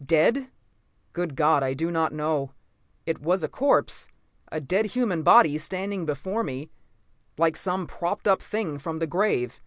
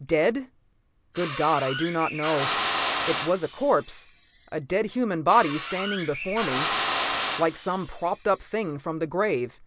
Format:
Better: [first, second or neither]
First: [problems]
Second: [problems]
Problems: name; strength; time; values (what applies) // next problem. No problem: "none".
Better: first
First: none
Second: background sound (Drill); 5 dB below the speech